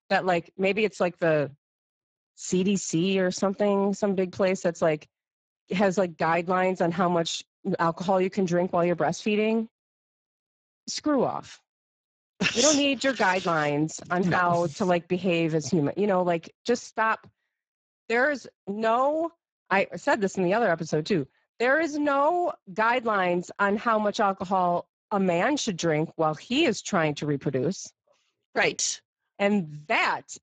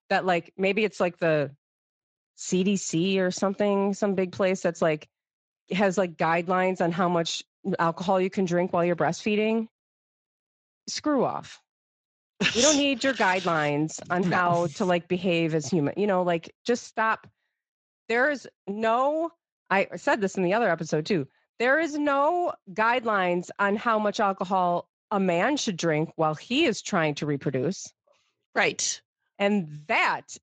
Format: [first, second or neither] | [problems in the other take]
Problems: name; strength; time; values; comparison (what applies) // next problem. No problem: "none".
second | garbled, watery; badly; nothing above 7.5 kHz; slightly in the second